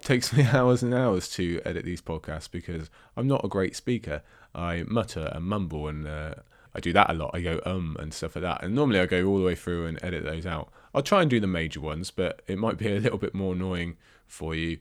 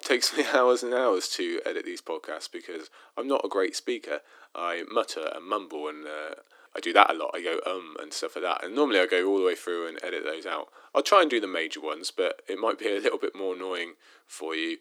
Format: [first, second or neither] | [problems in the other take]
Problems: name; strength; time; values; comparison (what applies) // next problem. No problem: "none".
first | thin; somewhat; fading below 300 Hz